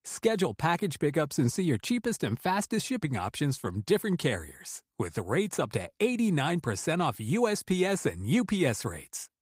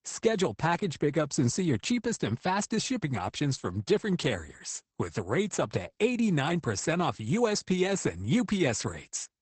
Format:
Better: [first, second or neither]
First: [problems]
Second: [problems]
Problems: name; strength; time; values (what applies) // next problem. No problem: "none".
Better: first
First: garbled, watery; slightly; nothing above 15.5 kHz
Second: garbled, watery; badly; nothing above 8 kHz